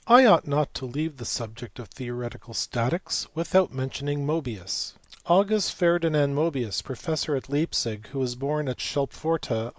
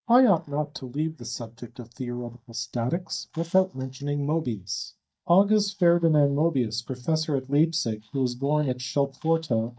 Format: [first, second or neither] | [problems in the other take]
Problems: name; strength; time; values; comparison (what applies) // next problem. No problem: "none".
first | noise reduction (neural mask model DeepFilterNet 3)